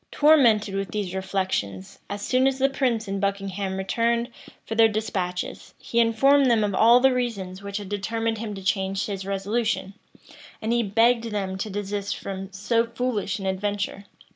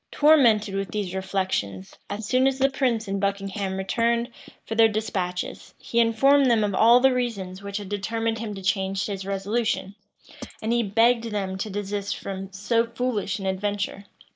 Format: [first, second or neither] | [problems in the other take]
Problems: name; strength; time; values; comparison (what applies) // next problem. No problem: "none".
first | noise reduction (neural mask model Resemble Enhance denoiser)